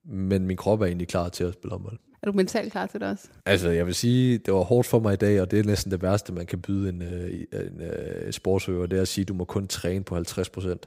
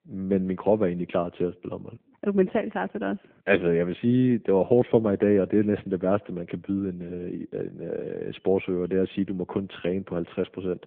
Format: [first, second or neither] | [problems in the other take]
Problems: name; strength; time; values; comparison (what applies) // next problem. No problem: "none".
first | phone-call audio; nothing above 3.5 kHz